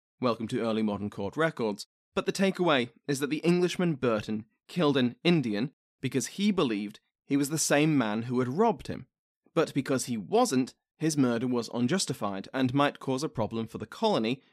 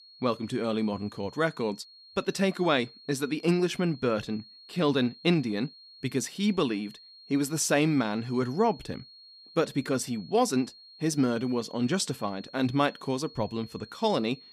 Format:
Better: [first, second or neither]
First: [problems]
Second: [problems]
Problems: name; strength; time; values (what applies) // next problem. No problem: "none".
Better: first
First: none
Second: high-pitched whine; faint; throughout; 4.5 kHz, 20 dB below the speech